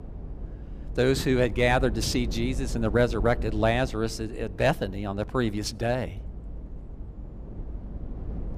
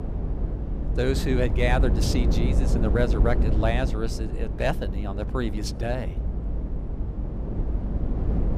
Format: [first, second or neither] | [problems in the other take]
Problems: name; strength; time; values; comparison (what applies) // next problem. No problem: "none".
first | low rumble; loud; throughout; 8 dB below the speech; faint in the first